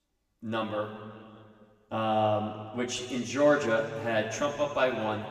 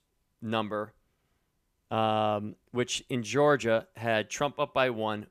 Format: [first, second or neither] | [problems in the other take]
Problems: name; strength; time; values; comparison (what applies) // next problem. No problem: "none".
second | room echo; noticeable; dies away in 2 s // off-mic speech; far